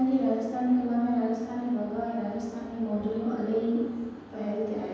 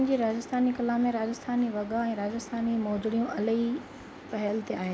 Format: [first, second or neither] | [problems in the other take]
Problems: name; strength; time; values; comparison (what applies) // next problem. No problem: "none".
second | room echo; dies away in 1.2 s